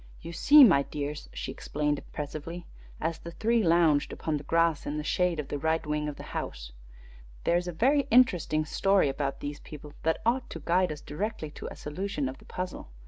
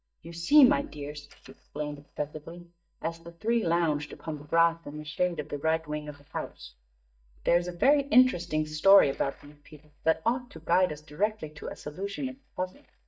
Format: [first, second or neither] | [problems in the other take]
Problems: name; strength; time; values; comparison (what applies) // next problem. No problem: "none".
first | noise reduction (neural mask model DeepFilterNet 3)